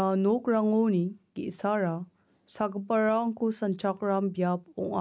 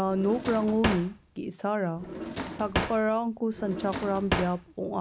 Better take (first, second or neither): first